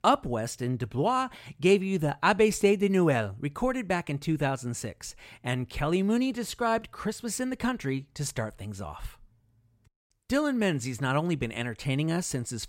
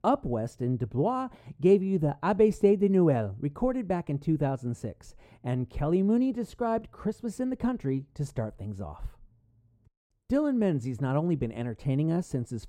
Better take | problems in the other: first | muffled; slightly; fading above 1 kHz

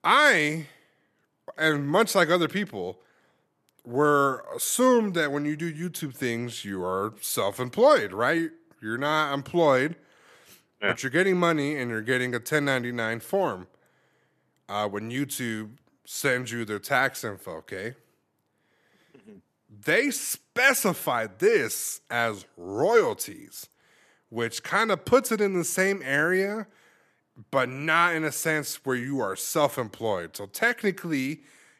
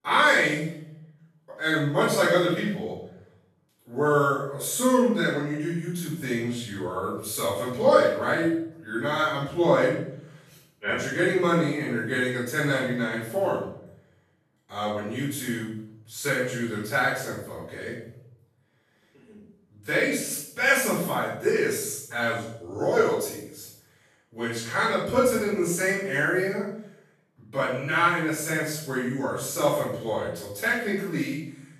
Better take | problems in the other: first | off-mic speech; far // room echo; strong; dies away in 0.7 s

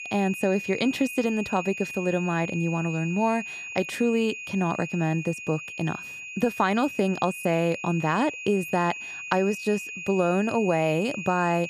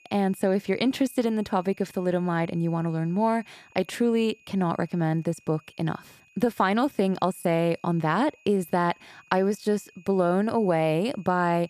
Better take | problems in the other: second | high-pitched whine; loud; throughout; 2.5 kHz, 8 dB below the speech; faint in the second

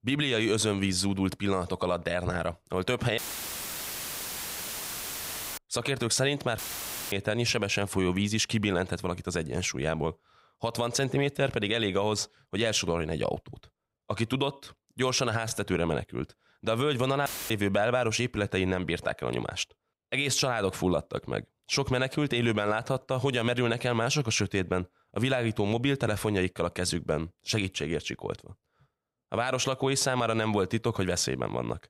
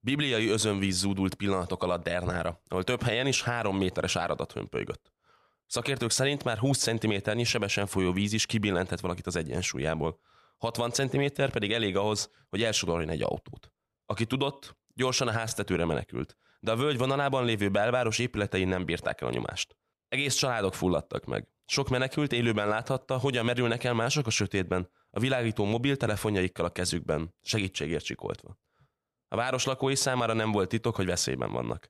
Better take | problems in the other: second | audio cutting out; filled with static; at 3 s for 2.5 s, at 6.5 s for 0.5 s and at 17 s

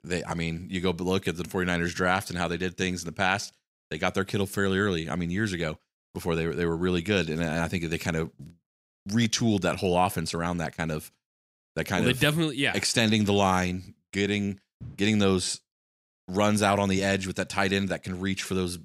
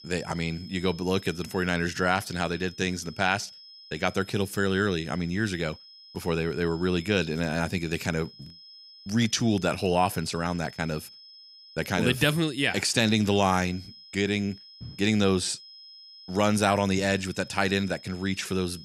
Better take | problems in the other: first | high-pitched whine; noticeable; throughout; 5 kHz, 20 dB below the speech

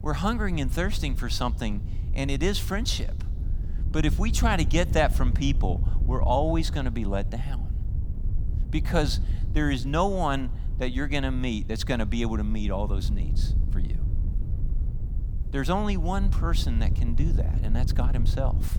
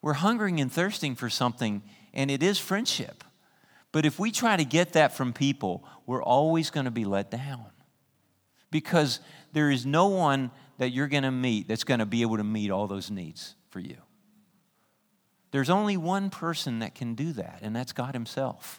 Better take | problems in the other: second | wind noise on the microphone; occasional gusts; 15 dB below the speech

